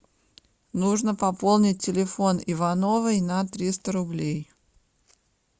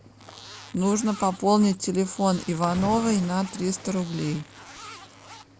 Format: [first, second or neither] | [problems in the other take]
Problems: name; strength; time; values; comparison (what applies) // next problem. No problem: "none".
first | background sound (Zipper (clothing) + Cricket / Waves, surf); 16 dB below the speech